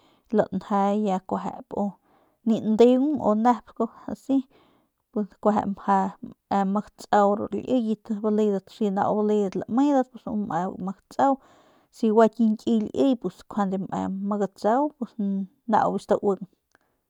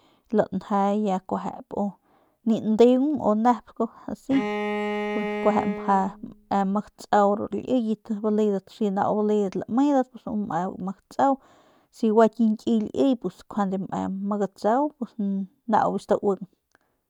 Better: first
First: none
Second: background sound (Bowed string instrument); 6 dB below the speech

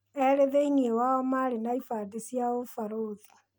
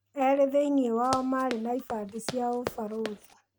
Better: first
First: none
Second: background sound (Run); 12 dB below the speech

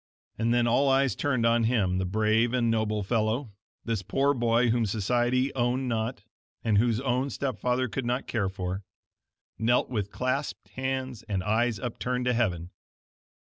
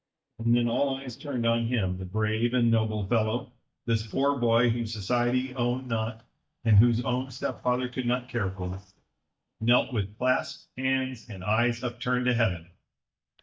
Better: first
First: none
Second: noise reduction (neural mask model DeepFilterNet 3)

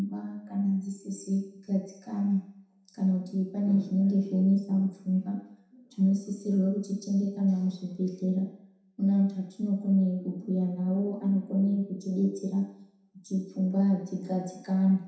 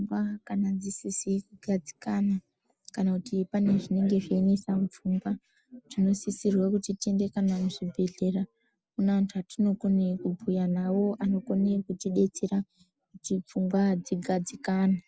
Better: second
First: room echo; dies away in 0.7 s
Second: none

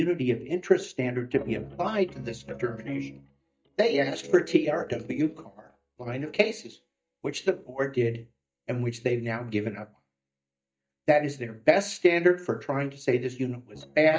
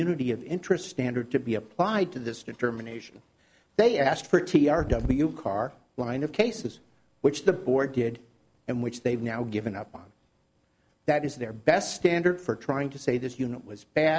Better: second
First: noise reduction (neural mask model DeepFilterNet 3)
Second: none

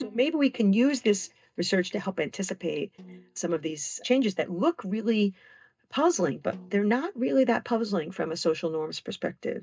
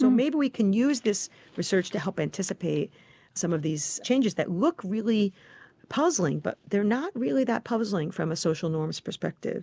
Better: second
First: noise reduction (neural mask model DeepFilterNet 3)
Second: none

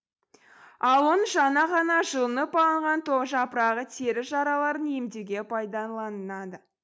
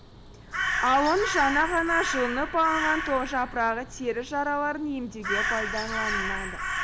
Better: first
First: none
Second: background sound (Crow); 4 dB below the speech

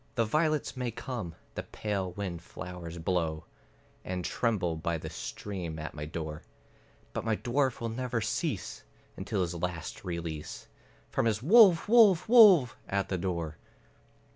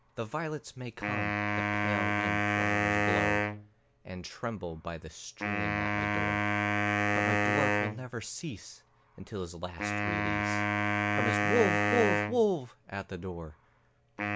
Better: first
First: none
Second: background sound (Wind instrument, woodwind instrument); 5 dB above the speech

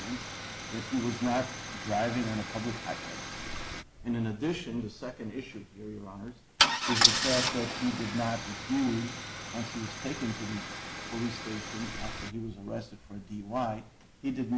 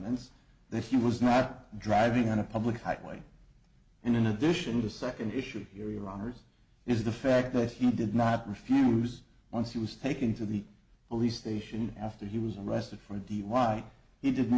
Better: second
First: background sound (Idling / Engine starting / Car); 1 dB below the speech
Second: none

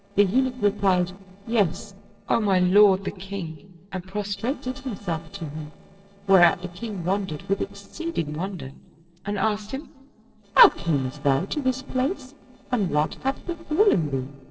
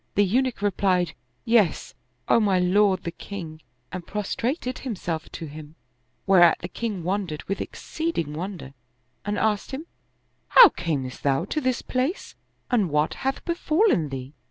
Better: second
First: noise reduction (neural separator model SepFormer DNS4)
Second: none

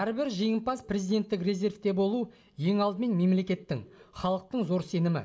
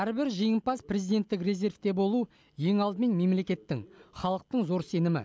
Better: second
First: room echo; dies away in 0.3 s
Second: none

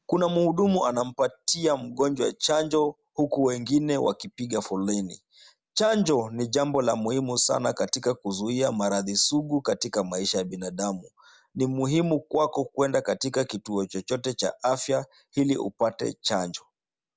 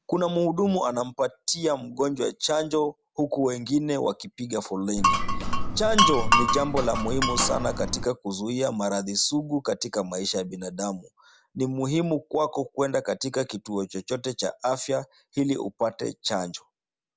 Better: first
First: none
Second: background sound (Glass); 4 dB above the speech

